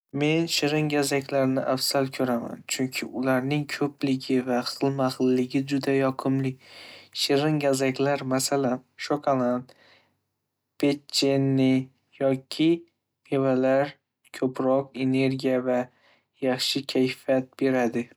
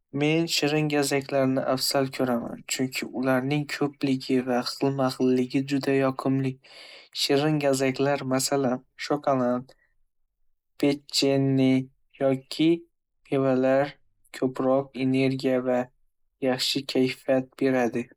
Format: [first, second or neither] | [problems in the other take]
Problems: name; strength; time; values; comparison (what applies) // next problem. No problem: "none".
first | noise reduction (neural mask model Resemble Enhance denoiser)